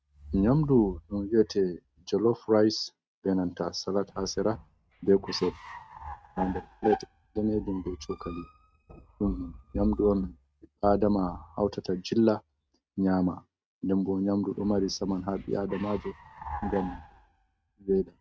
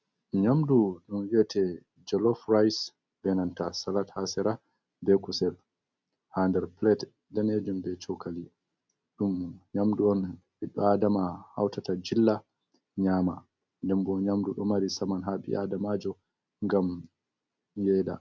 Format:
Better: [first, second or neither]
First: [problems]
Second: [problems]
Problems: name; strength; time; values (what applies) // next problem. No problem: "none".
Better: second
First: noise reduction (neural mask model RNNoise)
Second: none